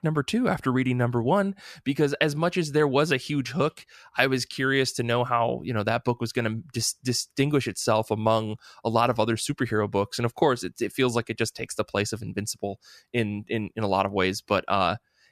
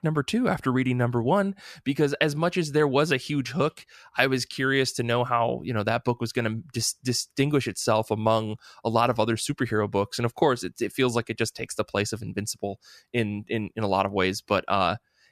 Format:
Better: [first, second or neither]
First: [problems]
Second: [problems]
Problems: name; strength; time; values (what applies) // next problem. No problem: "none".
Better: neither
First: none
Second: none